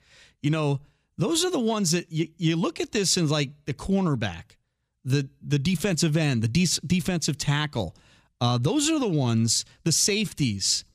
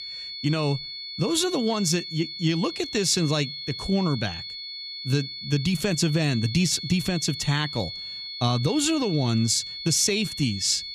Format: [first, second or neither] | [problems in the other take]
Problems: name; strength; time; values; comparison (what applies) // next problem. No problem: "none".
first | high-pitched whine; loud; throughout; 4.5 kHz, 8 dB below the speech